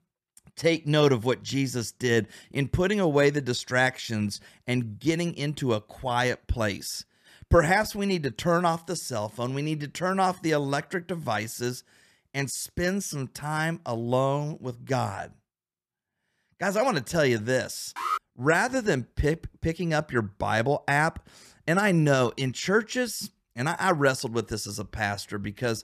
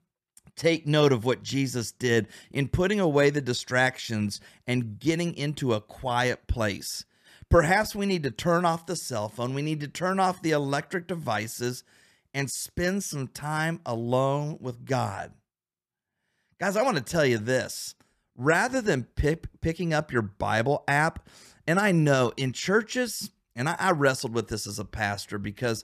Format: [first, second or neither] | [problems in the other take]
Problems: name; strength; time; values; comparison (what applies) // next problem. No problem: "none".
second | alarm; noticeable; at 18 s; peak 3 dB below the speech